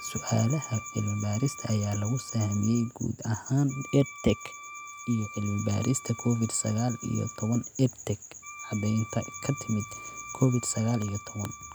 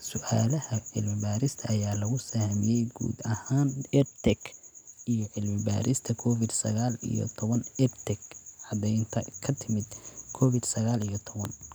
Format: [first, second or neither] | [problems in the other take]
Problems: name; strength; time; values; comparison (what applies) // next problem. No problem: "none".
second | background sound (Wind instrument, woodwind instrument); 17 dB below the speech